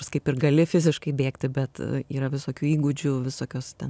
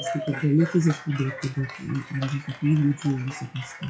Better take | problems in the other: first | noise reduction (classical method WPE with log-MMSE)

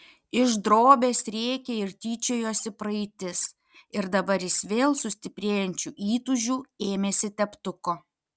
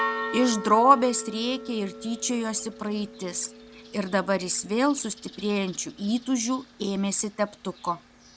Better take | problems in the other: first | background sound (Church bell); 12 dB below the speech

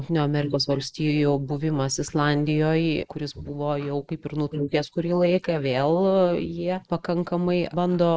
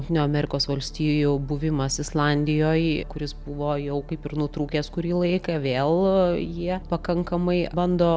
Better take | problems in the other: second | noise reduction (neural mask model Resemble Enhance denoiser)

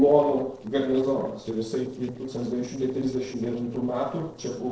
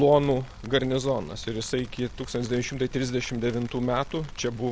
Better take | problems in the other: second | noise reduction (neural separator model SepFormer DNS4)

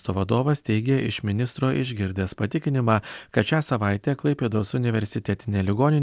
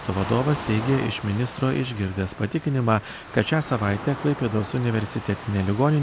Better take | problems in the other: first | background sound (Waves, surf); 13 dB below the speech

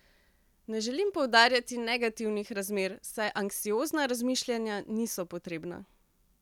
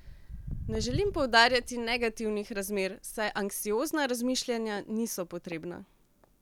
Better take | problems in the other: first | background sound (Walk, footsteps); 12 dB below the speech

